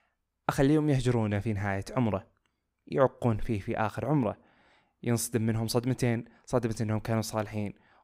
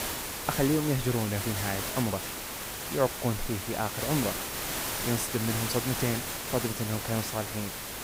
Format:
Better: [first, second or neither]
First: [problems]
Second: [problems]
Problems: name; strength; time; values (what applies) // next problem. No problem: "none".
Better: first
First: none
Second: hiss; loud; throughout; 1 dB below the speech